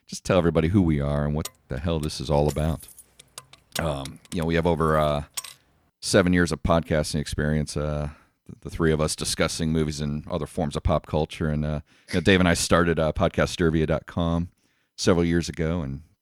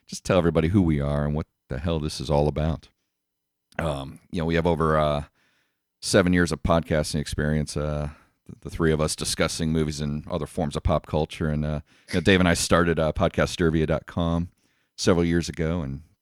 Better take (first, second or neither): second